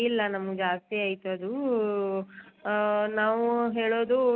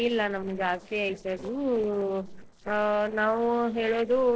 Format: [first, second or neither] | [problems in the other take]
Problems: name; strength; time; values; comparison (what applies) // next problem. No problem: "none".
first | noise reduction (neural separator model SepFormer DNS4)